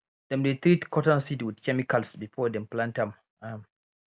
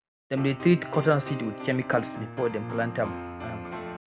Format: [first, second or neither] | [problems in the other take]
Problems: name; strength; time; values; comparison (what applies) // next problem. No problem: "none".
first | background sound (Piano); 9 dB below the speech